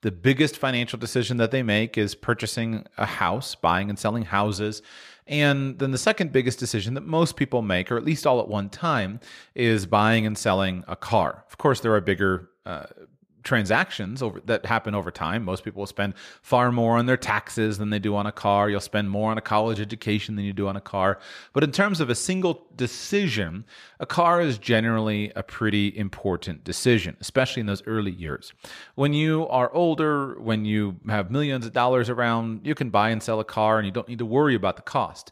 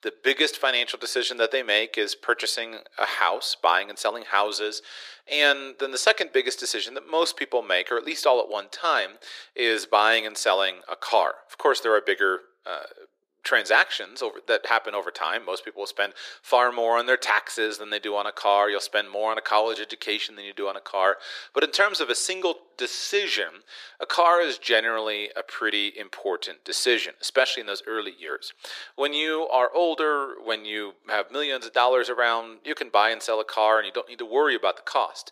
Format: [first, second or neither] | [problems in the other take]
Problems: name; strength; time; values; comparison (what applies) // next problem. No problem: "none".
first | thin; very; fading below 350 Hz